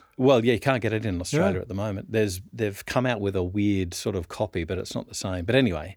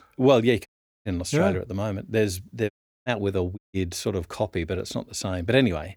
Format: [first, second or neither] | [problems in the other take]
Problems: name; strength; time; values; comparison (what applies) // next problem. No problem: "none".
first | audio cutting out; at 0.5 s, at 2.5 s and at 3.5 s